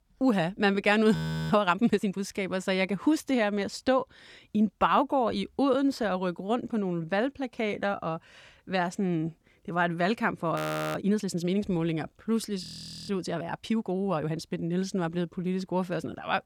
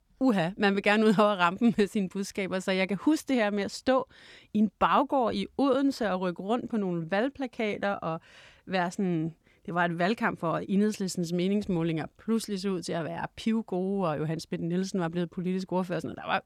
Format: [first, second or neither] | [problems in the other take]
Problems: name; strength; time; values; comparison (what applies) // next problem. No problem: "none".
second | audio freezing; at 1 s, at 11 s and at 13 s